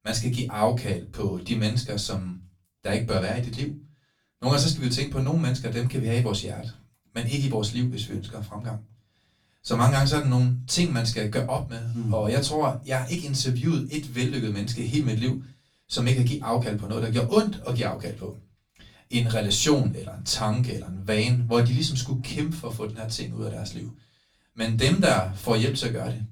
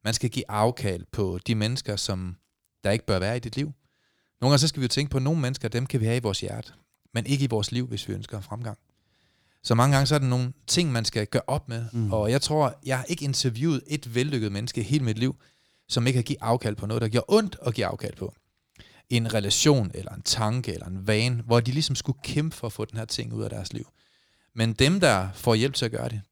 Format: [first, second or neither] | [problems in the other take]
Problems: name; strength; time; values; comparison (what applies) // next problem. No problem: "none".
second | off-mic speech; far // room echo; very slight; dies away in 0.2 s